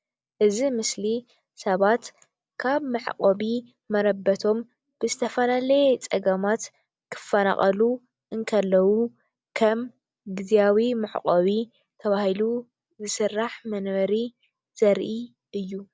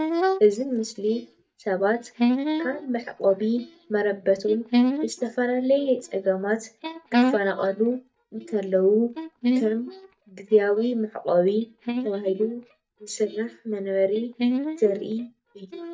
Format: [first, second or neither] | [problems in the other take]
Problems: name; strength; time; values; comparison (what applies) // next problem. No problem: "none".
first | noise reduction (neural mask model DeepFilterNet 3)